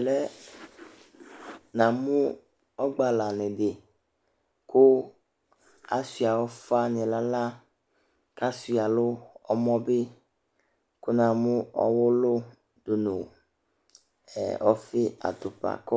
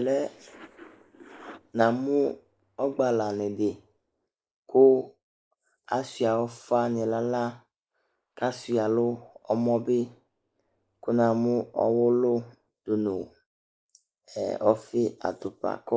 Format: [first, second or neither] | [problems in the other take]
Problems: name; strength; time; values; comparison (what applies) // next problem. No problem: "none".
first | noise reduction (neural mask model Resemble Enhance denoiser)